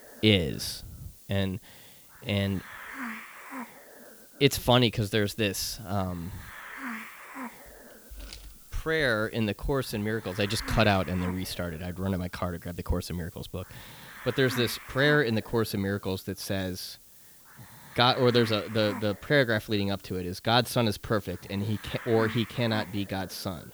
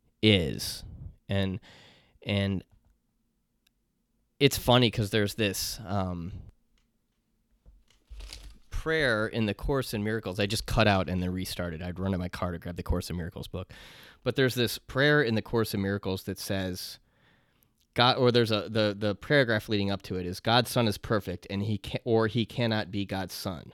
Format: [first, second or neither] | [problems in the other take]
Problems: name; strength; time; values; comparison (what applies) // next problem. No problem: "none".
second | hiss; noticeable; throughout; 15 dB below the speech